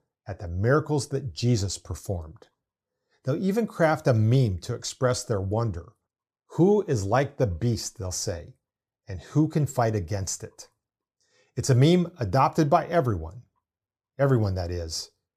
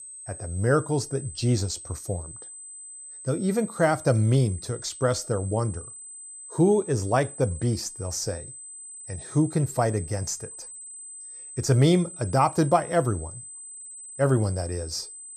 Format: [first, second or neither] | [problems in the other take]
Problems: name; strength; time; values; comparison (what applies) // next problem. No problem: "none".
first | high-pitched whine; noticeable; throughout; 8 kHz, 15 dB below the speech